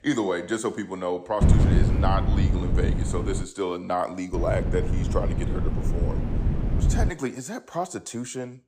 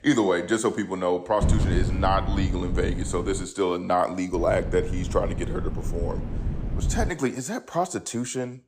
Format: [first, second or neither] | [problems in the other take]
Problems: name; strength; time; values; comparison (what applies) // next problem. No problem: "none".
second | wind noise on the microphone; heavy; from 1.5 to 3.5 s and from 4.5 to 7 s; 6 dB below the speech; occasional gusts in the second